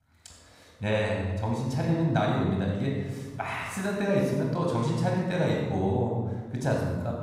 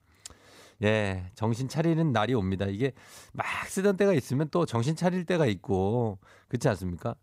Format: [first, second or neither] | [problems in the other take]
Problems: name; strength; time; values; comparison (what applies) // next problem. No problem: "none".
second | off-mic speech; somewhat distant // room echo; noticeable; dies away in 1.2 s